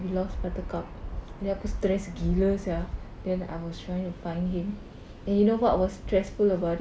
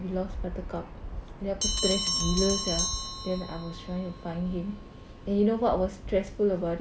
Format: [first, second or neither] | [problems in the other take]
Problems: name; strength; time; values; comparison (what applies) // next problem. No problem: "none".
first | background sound (Bell); 6 dB below the speech